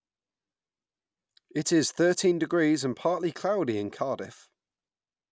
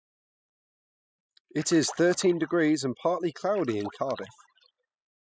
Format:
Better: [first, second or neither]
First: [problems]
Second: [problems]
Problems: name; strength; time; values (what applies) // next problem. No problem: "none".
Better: first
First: none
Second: noise reduction (classical method spectral subtraction)